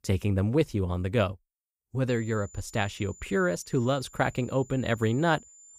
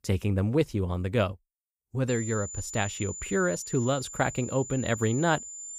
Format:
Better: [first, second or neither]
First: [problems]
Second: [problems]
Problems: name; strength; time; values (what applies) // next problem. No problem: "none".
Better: first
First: high-pitched whine; faint; from 2 s on; 7 kHz, 20 dB below the speech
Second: high-pitched whine; loud; from 2 s on; 7 kHz, 9 dB below the speech